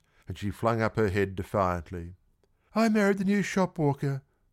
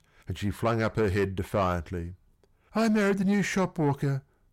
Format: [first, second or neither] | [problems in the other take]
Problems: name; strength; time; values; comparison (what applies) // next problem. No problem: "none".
first | distortion; slight; 10 dB below the speech